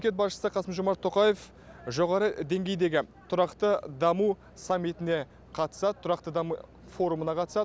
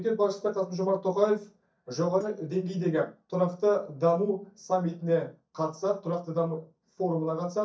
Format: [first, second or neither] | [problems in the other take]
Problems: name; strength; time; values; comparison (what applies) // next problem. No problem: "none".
first | noise reduction (neural mask model DeepFilterNet 3)